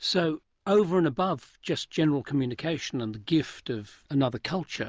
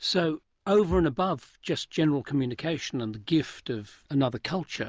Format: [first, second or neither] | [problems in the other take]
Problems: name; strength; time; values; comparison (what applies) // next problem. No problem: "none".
first | background sound (Bass drum / Thump, thud); 19 dB below the speech